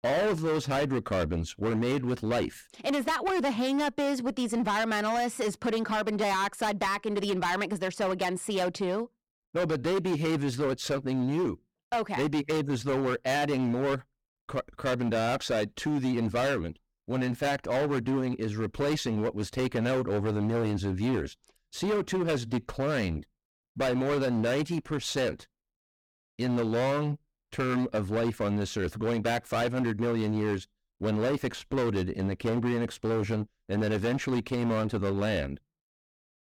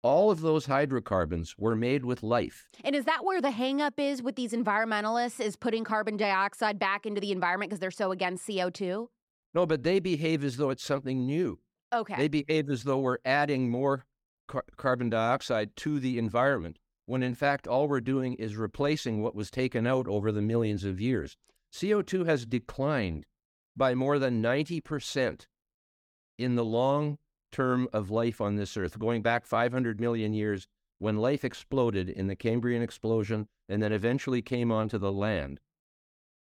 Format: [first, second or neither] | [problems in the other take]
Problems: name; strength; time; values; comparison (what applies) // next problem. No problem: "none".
second | distortion; heavy; 19% of the sound clipped